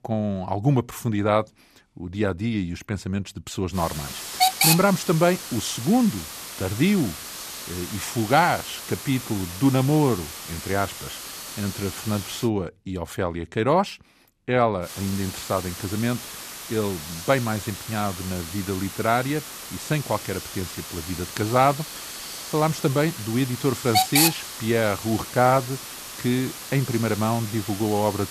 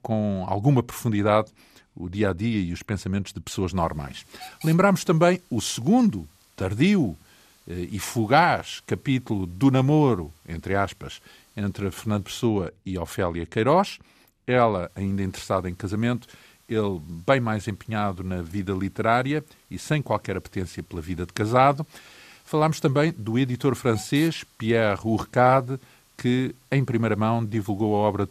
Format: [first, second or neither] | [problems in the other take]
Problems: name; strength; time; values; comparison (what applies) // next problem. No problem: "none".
second | hiss; loud; from 4 to 12 s and from 15 s on; 5 dB below the speech; faint in the second